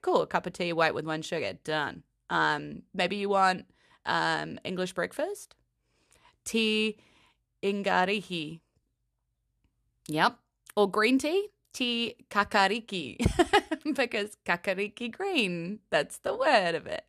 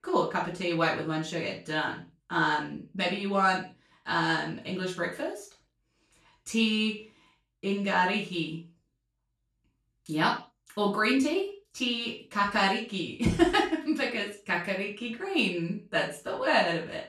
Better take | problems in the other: first | room echo; noticeable; dies away in 0.3 s // off-mic speech; far

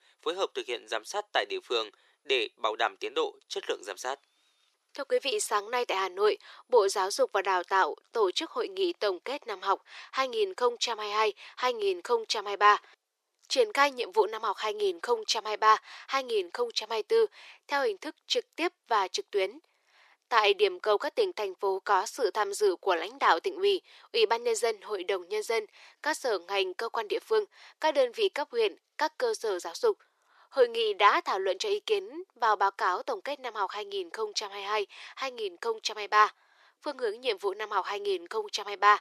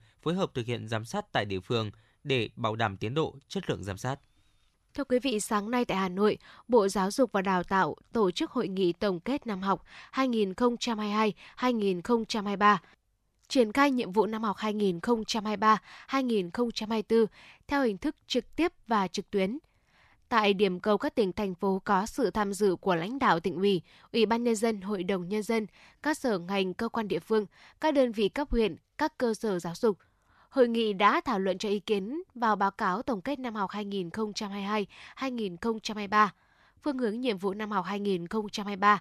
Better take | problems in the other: second | thin; very; fading below 400 Hz

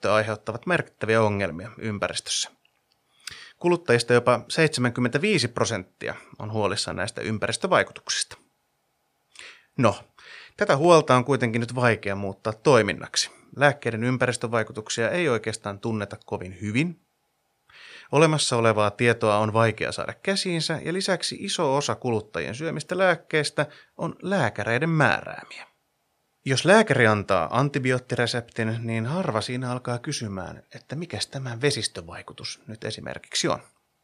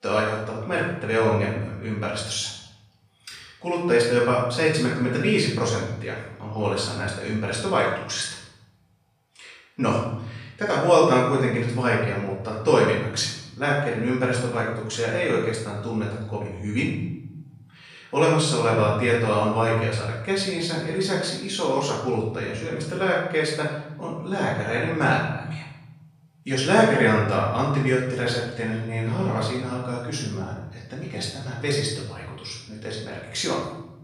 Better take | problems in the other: first | off-mic speech; far // room echo; noticeable; dies away in 0.9 s

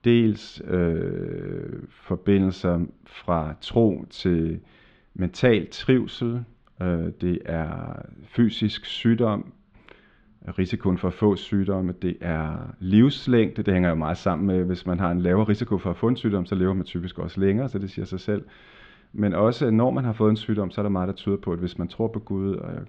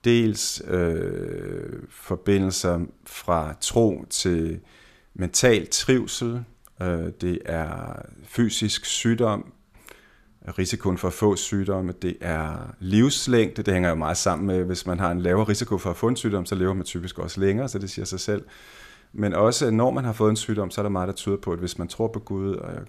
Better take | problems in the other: second | muffled; very; fading above 3.5 kHz

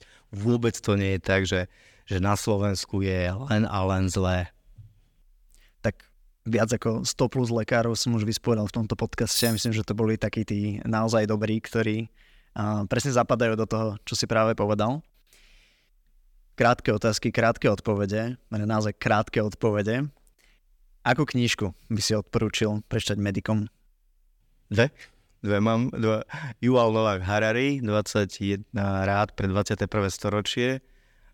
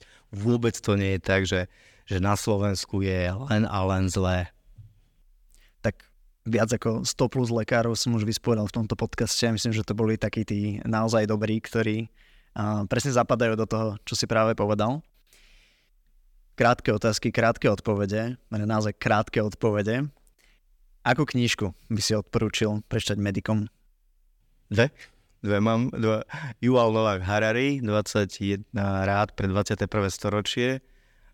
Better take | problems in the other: second | jangling keys; noticeable; at 9.5 s; peak 4 dB below the speech

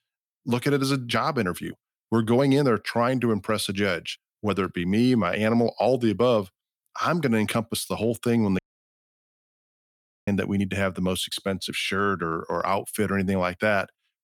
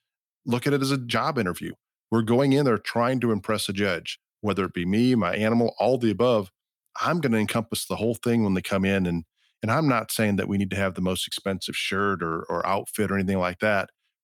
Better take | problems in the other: second | audio cutting out; at 8.5 s for 1.5 s

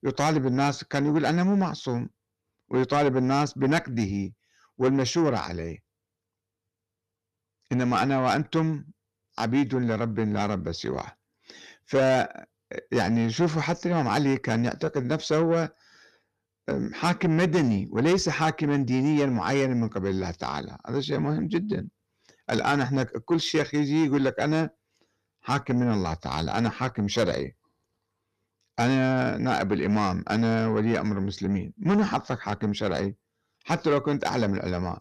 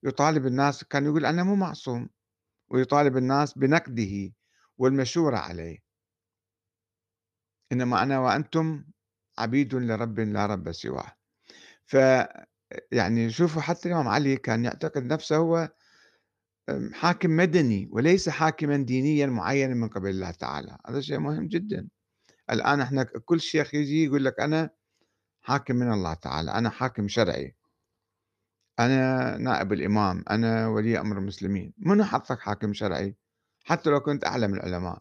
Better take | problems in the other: second | distortion; slight; 10 dB below the speech

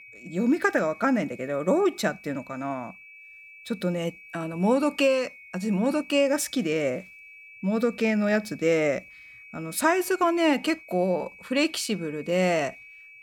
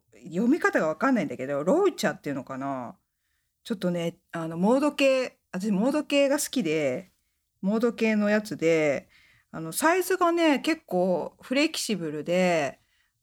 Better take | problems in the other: second | high-pitched whine; noticeable; throughout; 2.5 kHz, 20 dB below the speech

